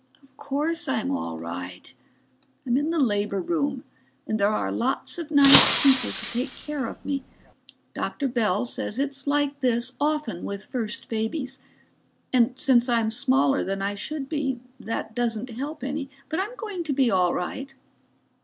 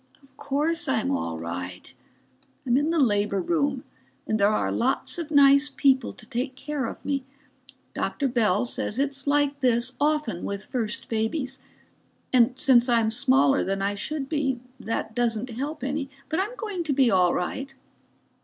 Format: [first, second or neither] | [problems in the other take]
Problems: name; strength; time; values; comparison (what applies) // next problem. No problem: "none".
second | background sound (Shatter); 1 dB below the speech